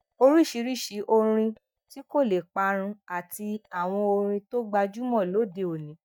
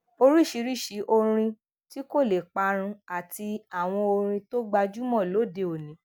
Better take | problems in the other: second | noise reduction (neural mask model DeepFilterNet 3)

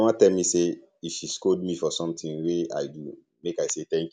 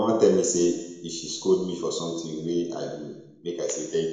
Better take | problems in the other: first | room echo; dies away in 1 s

